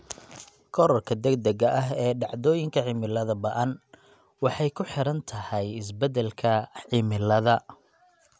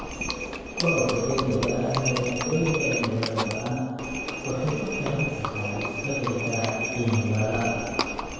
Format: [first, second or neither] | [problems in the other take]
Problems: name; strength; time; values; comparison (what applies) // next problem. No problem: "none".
first | background sound (Livestock, farm animals, working animals); 3 dB below the speech // room echo; dies away in 2 s